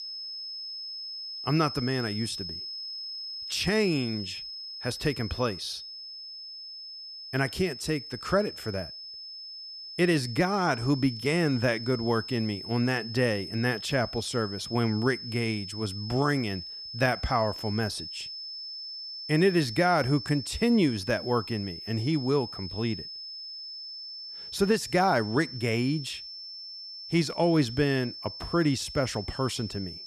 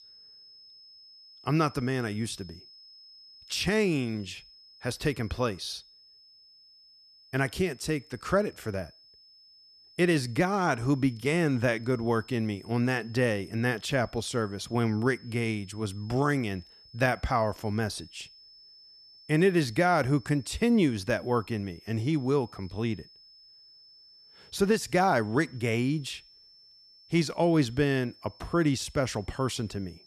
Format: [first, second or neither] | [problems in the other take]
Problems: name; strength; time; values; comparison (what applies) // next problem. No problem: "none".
second | high-pitched whine; loud; throughout; 5 kHz, 9 dB below the speech; faint in the second